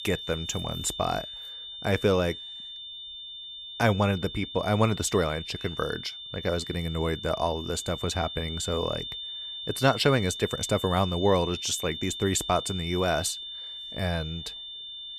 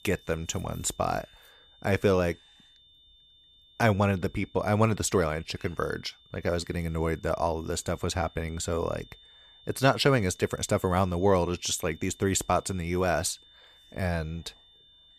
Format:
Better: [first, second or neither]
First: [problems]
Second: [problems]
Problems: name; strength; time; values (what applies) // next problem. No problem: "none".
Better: second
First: high-pitched whine; loud; throughout; 3.5 kHz, 8 dB below the speech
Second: high-pitched whine; faint; throughout; 3.5 kHz, 25 dB below the speech